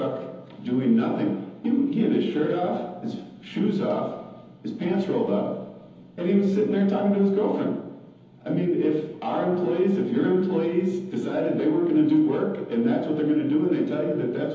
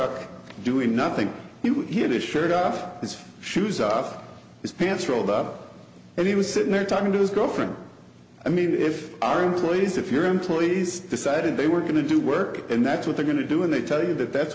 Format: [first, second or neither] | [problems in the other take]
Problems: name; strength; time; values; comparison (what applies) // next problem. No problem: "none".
second | room echo; dies away in 1.3 s